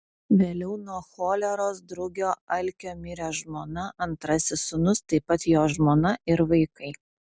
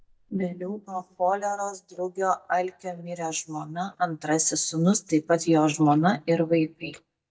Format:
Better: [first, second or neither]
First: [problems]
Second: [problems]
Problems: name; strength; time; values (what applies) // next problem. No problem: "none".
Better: first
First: none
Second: noise reduction (neural mask model DeepFilterNet 3)